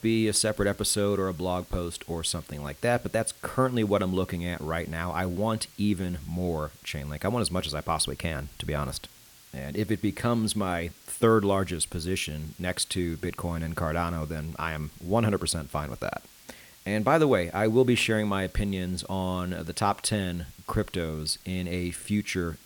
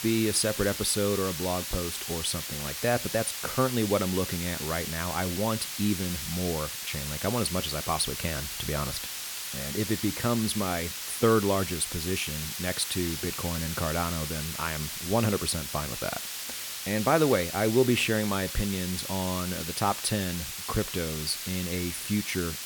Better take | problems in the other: first | hiss; loud; throughout; 4 dB below the speech; faint in the first

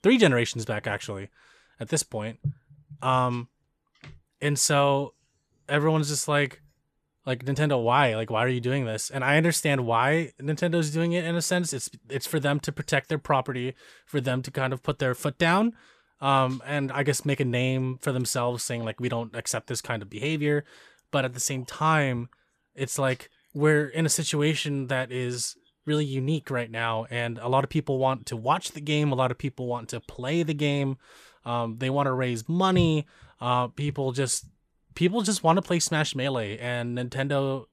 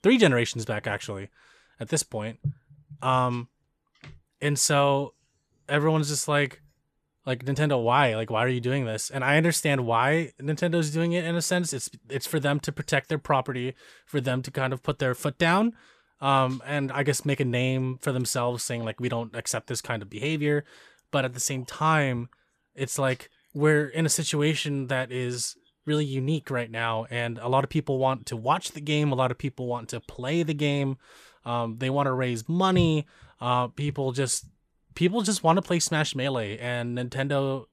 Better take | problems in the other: neither | none

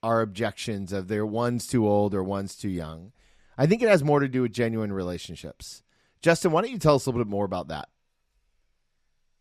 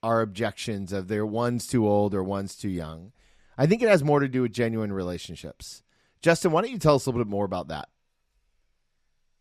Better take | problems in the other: neither | none

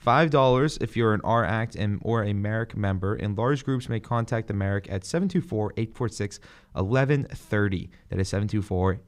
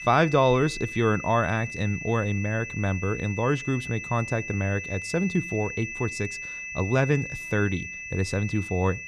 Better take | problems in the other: first | high-pitched whine; loud; throughout; 2.5 kHz, 8 dB below the speech

